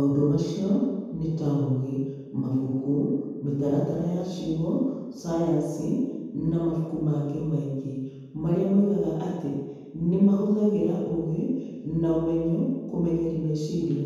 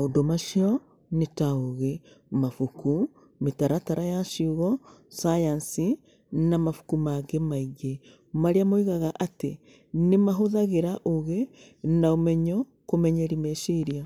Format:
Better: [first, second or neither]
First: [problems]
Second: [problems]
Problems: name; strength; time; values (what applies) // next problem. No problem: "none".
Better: second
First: room echo; dies away in 1.2 s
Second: none